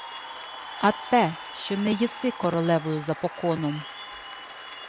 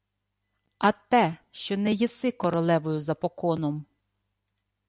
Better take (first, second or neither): second